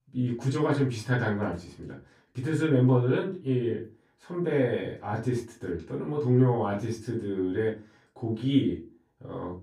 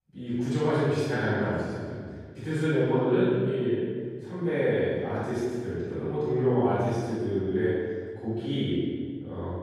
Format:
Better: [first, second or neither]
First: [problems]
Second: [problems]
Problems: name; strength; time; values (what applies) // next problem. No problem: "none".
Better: first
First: room echo; slight; dies away in 0.2 s // off-mic speech; far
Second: room echo; strong; dies away in 1.7 s // off-mic speech; far